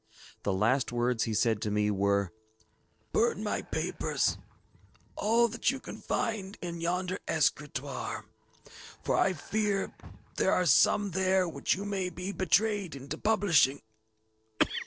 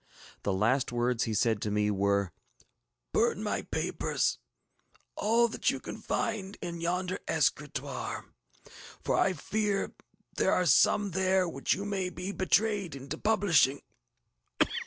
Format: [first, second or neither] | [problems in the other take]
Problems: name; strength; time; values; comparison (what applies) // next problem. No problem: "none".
second | noise reduction (neural separator model SepFormer DNS4)